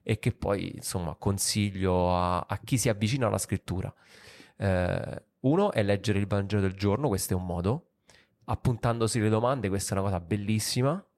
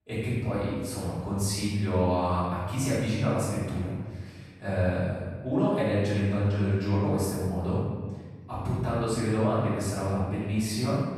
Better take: first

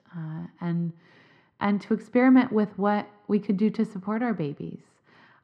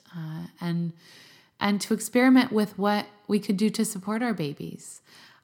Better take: second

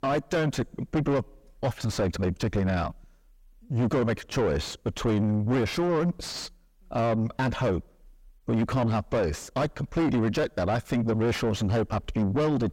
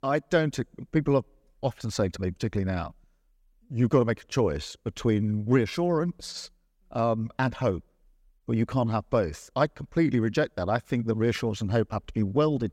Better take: second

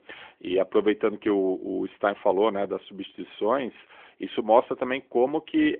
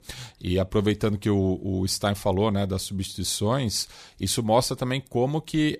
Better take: second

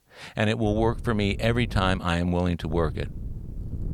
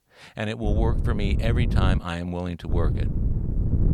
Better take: first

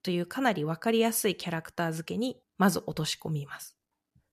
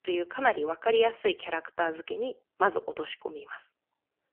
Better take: first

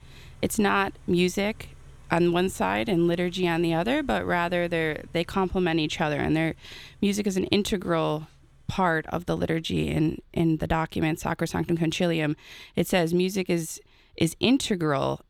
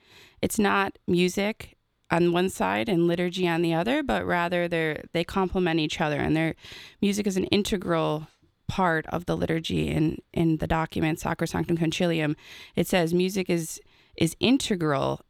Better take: second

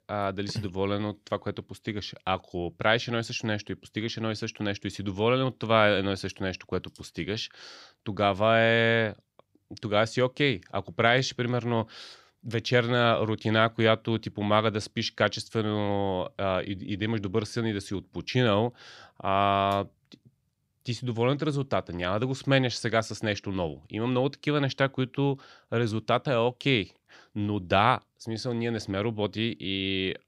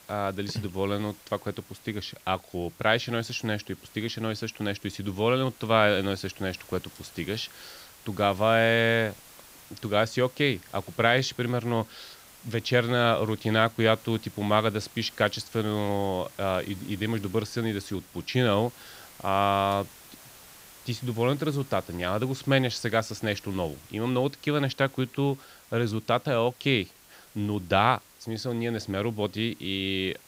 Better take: first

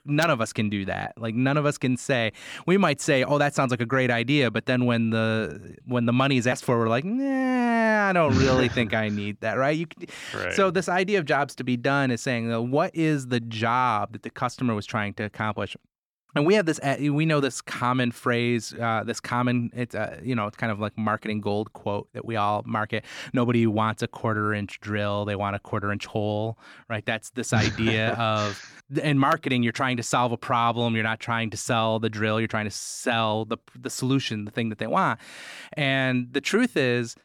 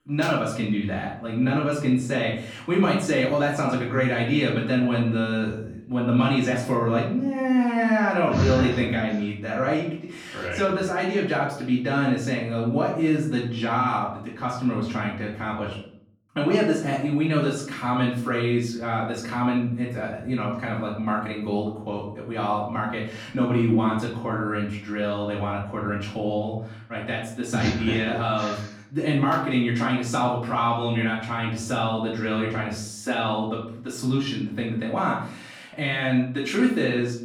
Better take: first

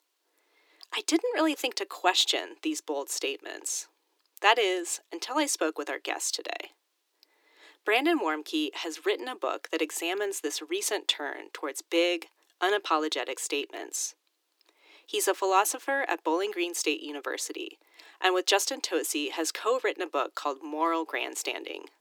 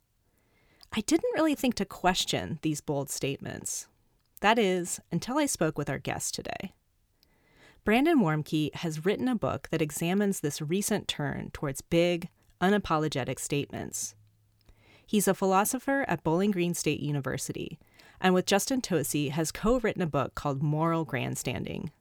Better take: second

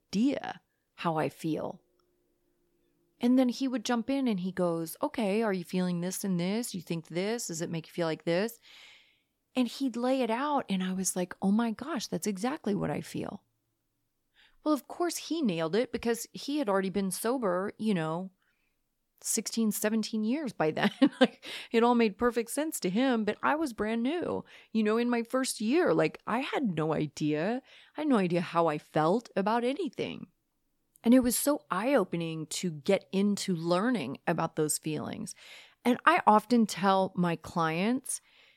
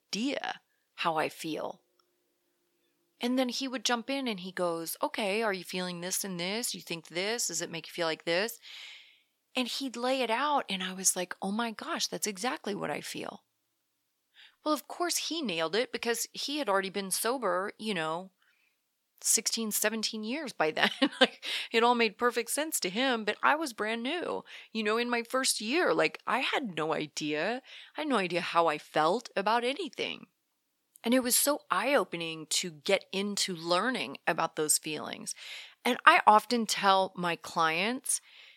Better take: first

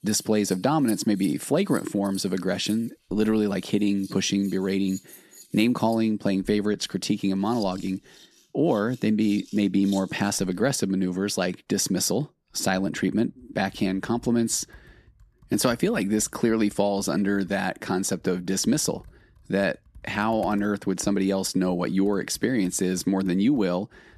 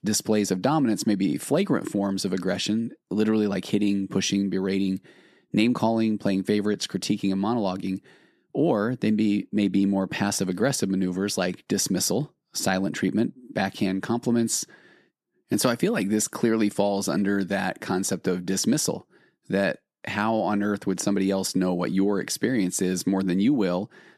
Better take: second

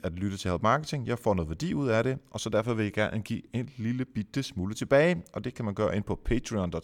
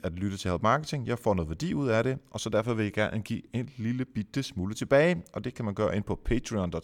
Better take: neither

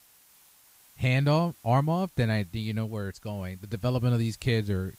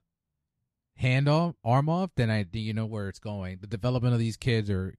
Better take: second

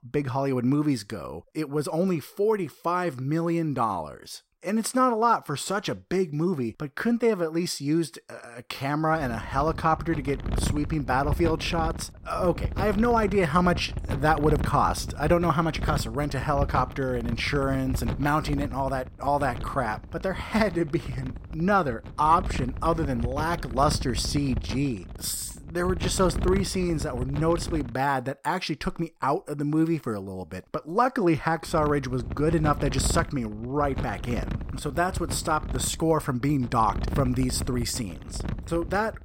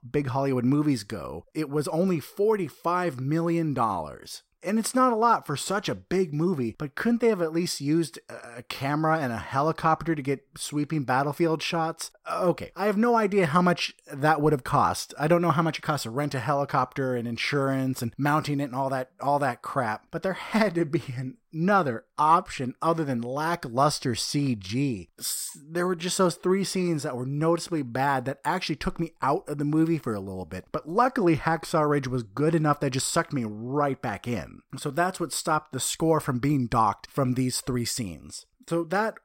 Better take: second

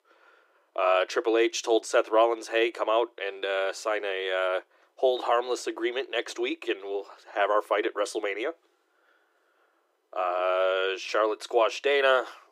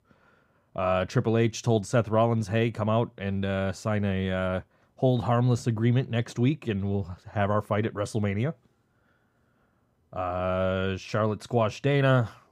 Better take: second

